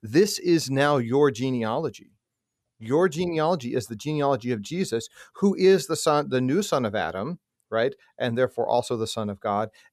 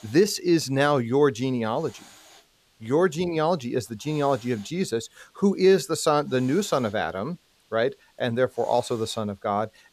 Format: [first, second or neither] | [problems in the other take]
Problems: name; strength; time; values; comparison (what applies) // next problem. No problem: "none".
first | hiss; faint; throughout; 30 dB below the speech